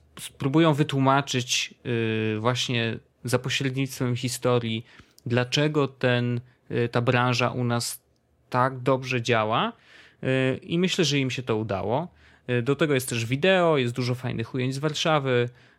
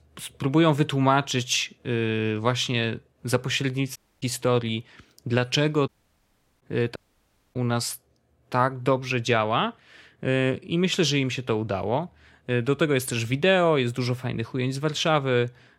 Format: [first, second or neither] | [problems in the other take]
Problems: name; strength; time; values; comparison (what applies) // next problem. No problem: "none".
first | audio cutting out; at 4 s, at 6 s for 0.5 s and at 7 s for 0.5 s